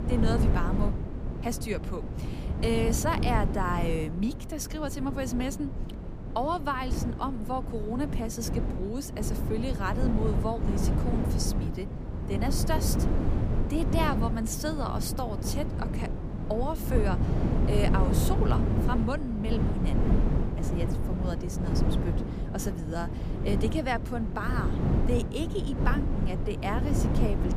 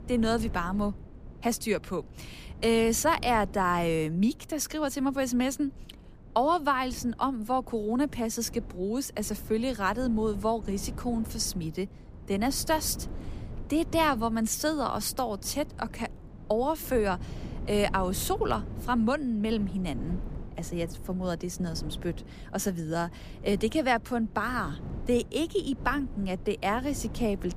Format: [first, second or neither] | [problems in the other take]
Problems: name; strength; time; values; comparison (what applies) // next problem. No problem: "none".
second | wind noise on the microphone; heavy; 4 dB below the speech; occasional gusts in the second